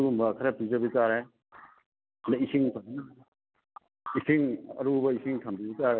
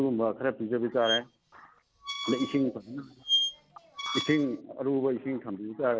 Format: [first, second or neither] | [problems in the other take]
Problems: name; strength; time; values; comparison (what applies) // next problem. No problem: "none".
first | background sound (Squeak); 5 dB below the speech